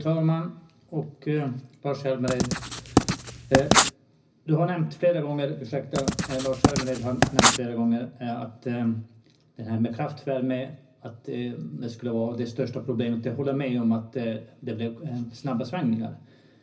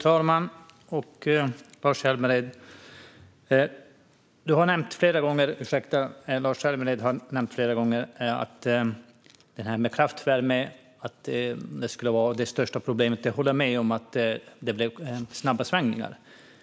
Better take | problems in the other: second | background sound (Writing); 4 dB above the speech // room echo; dies away in 0.4 s

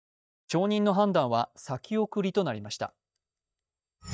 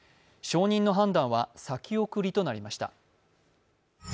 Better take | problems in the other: second | noise reduction (neural mask model DeepFilterNet 3)

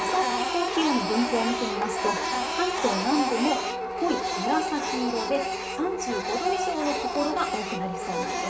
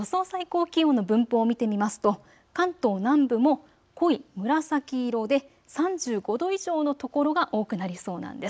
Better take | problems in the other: second | background sound (Printer); as loud as the speech // room echo; dies away in 0.7 s

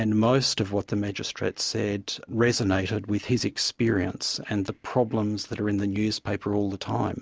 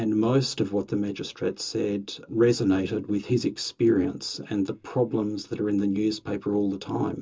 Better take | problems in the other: first | room echo; dies away in 0.2 s

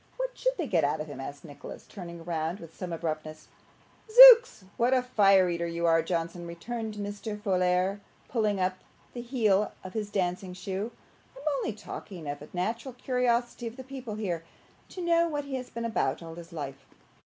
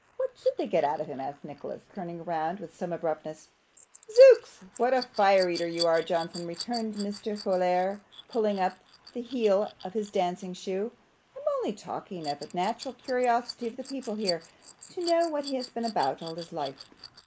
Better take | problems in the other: first | noise reduction (neural mask model Resemble Enhance denoiser)

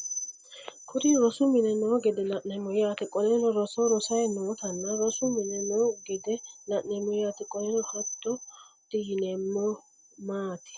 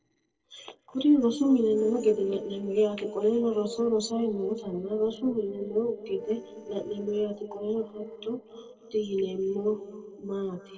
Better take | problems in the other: first | noise reduction (neural separator model SepFormer DNS4)

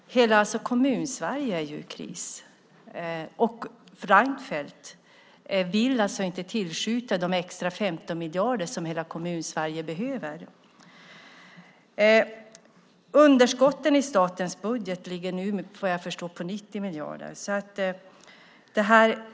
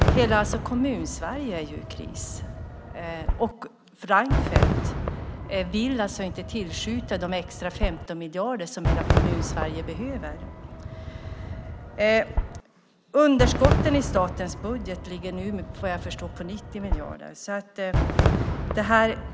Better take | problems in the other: first | background sound (Fireworks); as loud as the speech

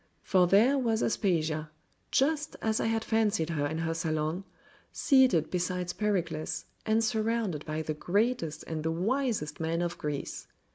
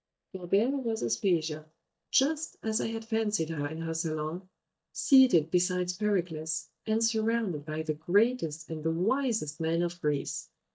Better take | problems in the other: first | noise reduction (neural mask model DeepFilterNet 3)

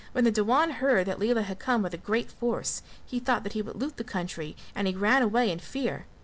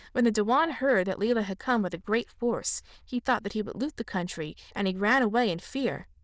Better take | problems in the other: first | noise reduction (neural diffusion model UNIVERSE++)

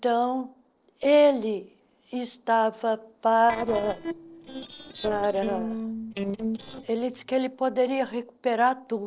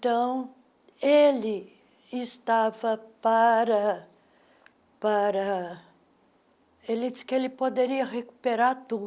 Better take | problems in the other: second | noise reduction (neural separator model SepFormer DNS4)

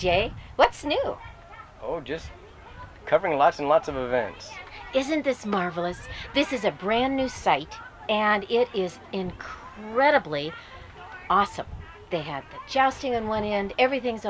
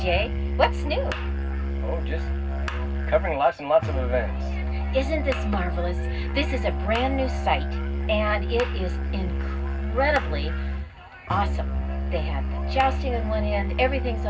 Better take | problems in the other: first | background sound (Musical instrument); 1 dB above the speech // room echo; dies away in 0.4 s

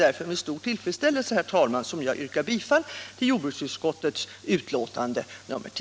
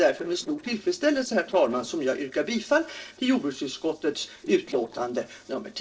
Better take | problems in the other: first | noise reduction (neural separator model SepFormer DNS4)

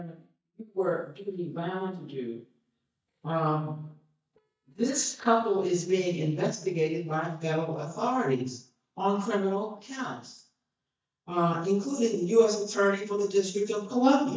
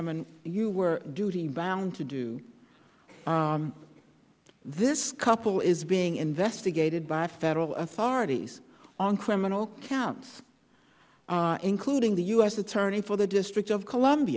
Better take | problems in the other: second | noise reduction (neural mask model DeepFilterNet 3)

